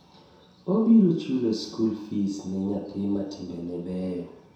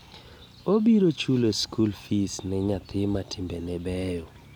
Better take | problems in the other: second | room echo; dies away in 0.7 s

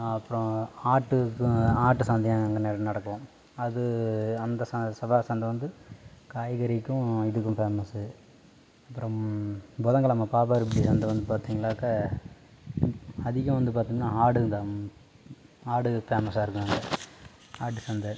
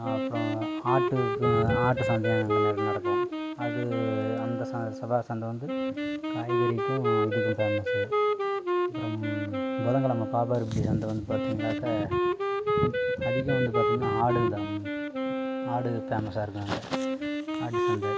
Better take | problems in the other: first | background sound (Wind instrument, woodwind instrument); 2 dB above the speech

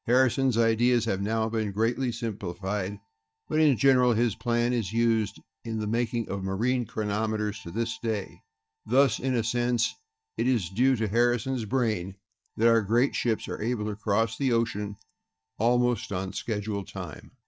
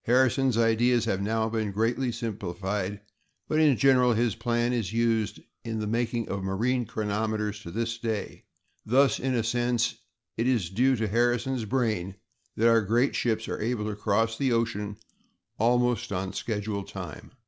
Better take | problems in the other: second | noise reduction (neural mask model DeepFilterNet 3)

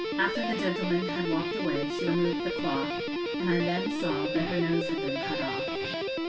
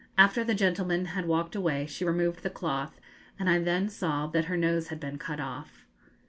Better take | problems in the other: second | background sound (Guitar); as loud as the speech // room echo; dies away in 0.3 s

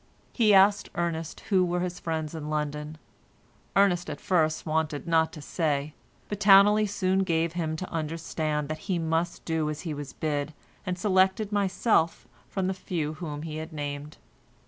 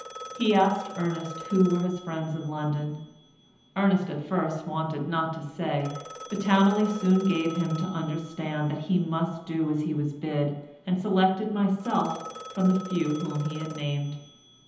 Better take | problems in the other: first | background sound (Telephone); 17 dB below the speech // room echo; dies away in 0.9 s

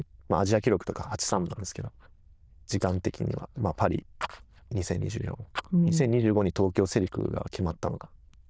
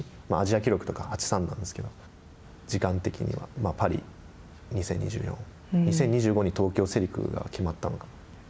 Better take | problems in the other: second | noise reduction (neural diffusion model UNIVERSE++)

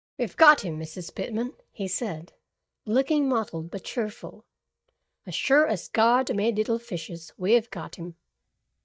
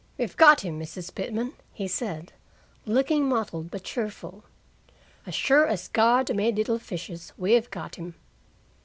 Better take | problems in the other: second | noise reduction (neural mask model DeepFilterNet 3)

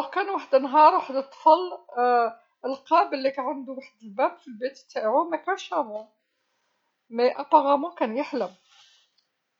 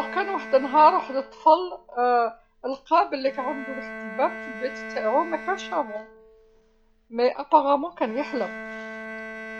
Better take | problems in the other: first | background sound (Bowed string instrument); 14 dB below the speech

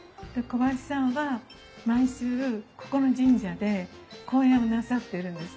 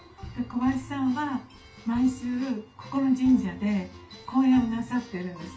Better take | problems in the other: first | room echo; dies away in 0.2 s

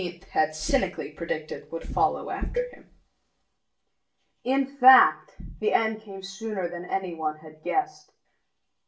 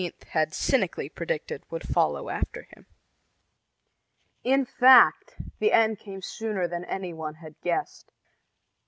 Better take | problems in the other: second | background sound (Cowbell); 10 dB below the speech // room echo; dies away in 0.3 s

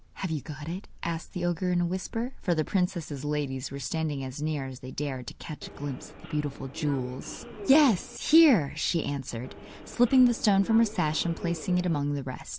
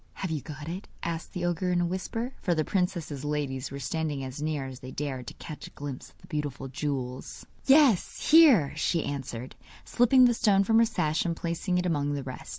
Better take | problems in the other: second | background sound (Subway, metro, underground); 15 dB below the speech

